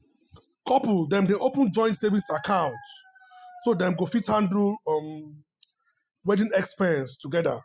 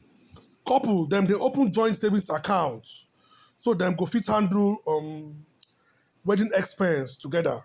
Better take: second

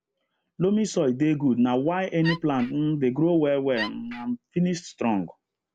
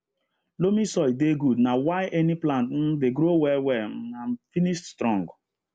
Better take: second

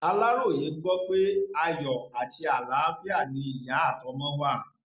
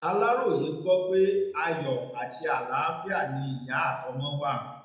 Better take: first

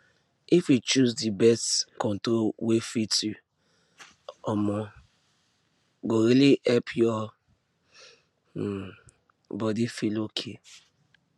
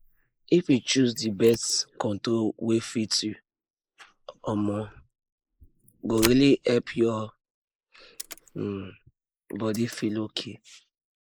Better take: first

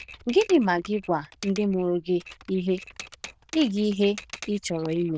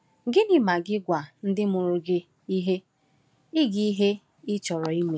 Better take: second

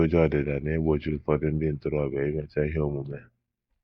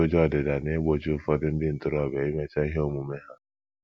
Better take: second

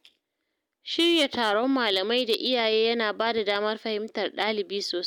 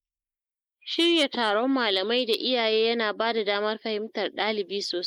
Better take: first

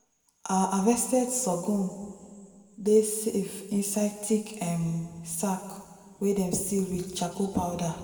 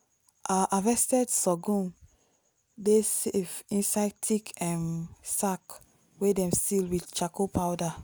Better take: second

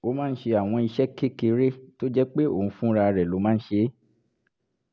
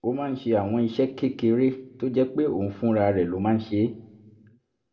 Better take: first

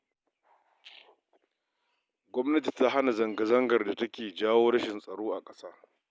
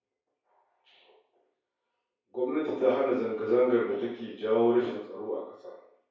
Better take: first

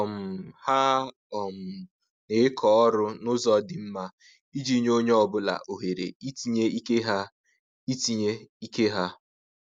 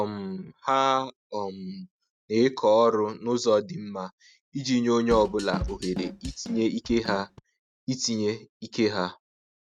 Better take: first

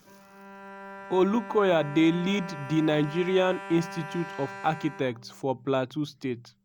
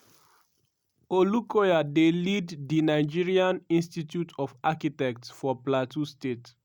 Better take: second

